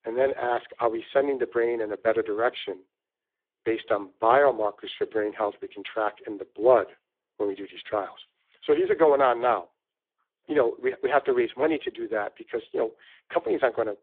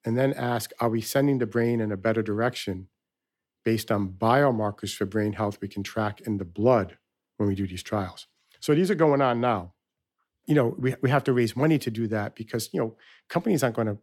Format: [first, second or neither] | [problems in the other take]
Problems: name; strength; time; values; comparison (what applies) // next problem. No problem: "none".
second | phone-call audio; poor line